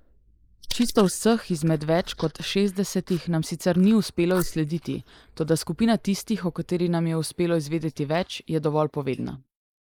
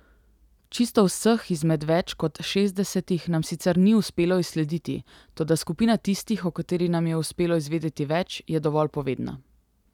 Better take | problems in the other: second | noise reduction (neural mask model Resemble Enhance denoiser)

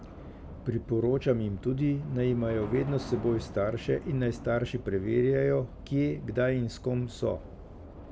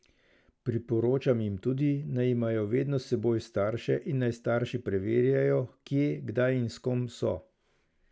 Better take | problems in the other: second | background sound (Subway, metro, underground / Train); 13 dB below the speech

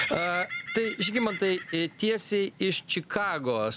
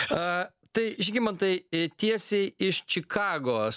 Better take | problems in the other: second | background sound (Bird); 10 dB below the speech

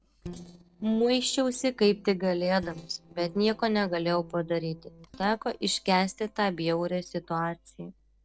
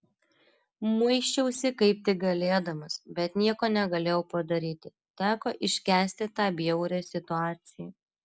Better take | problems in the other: second | noise reduction (neural separator model SepFormer DNS4)

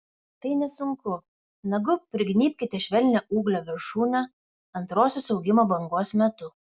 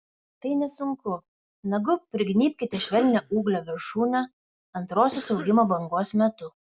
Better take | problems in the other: first | background sound (Cough); 16 dB below the speech

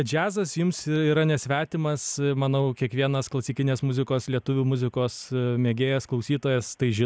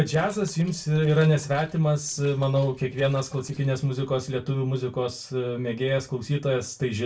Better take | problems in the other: first | noise reduction (neural separator model SepFormer DNS4)

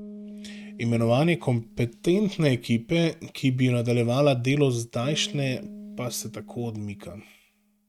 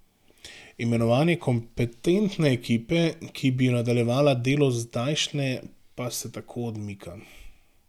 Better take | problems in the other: second | noise reduction (neural mask model RNNoise)

